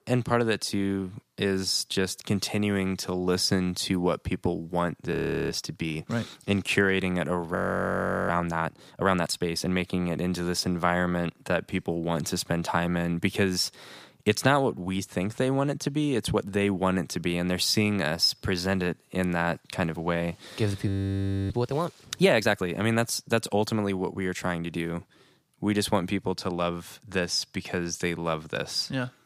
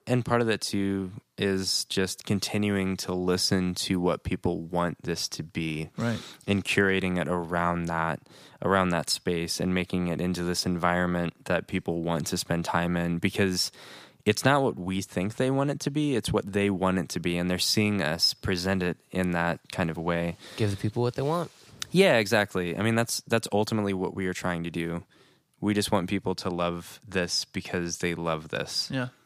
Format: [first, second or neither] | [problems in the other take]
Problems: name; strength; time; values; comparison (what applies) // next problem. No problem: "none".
second | audio freezing; at 5 s, at 7.5 s for 0.5 s and at 21 s for 0.5 s